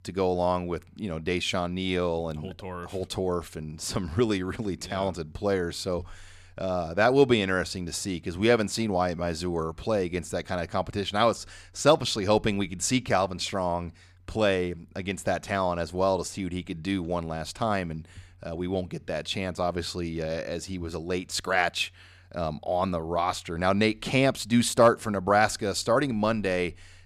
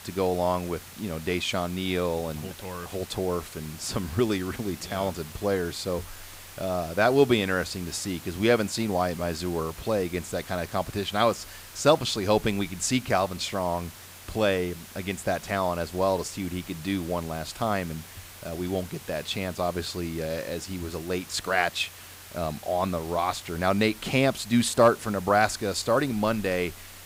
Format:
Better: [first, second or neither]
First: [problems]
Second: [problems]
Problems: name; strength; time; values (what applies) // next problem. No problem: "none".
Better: first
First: none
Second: hiss; noticeable; throughout; 15 dB below the speech